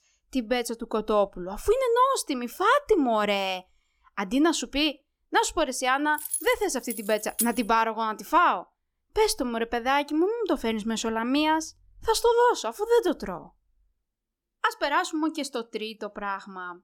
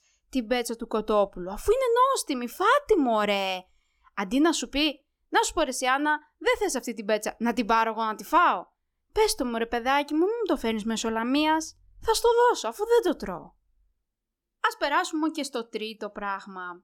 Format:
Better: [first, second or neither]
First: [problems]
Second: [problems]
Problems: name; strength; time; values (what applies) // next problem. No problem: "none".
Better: second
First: jangling keys; noticeable; from 6 to 7.5 s; peak 3 dB below the speech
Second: none